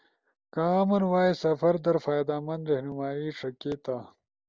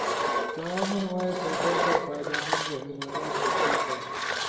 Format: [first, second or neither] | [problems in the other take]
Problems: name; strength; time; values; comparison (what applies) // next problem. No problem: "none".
first | background sound (Engine); 5 dB above the speech // room echo; dies away in 1.5 s